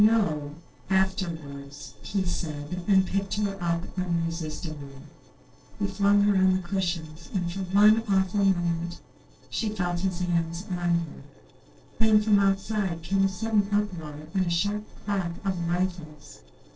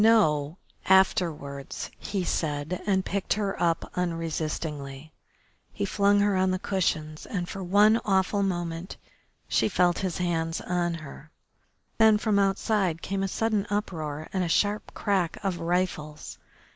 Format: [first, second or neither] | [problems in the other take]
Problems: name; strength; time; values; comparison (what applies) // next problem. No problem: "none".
second | noise reduction (neural separator model SepFormer DNS4)